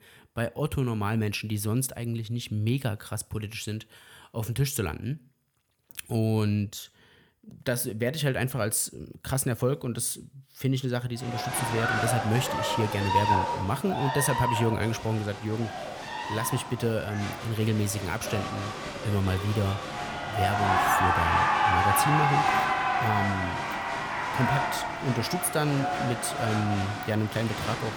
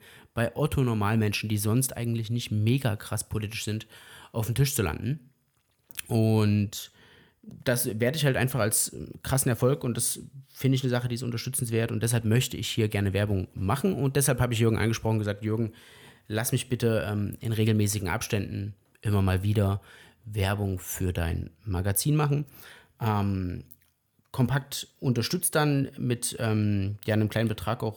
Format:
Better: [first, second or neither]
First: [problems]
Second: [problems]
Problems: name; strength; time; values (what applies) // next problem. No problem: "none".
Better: second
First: crowd noise; very loud; from 11 s on; 1 dB above the speech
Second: none